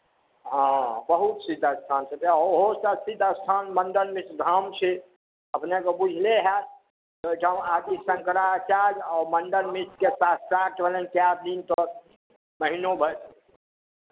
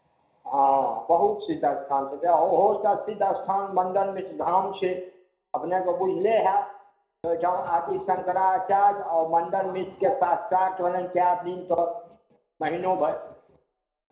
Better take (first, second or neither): first